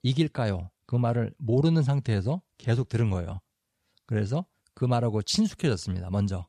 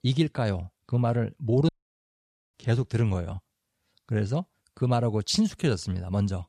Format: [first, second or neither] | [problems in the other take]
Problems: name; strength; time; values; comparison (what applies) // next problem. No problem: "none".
first | audio cutting out; at 1.5 s for 1 s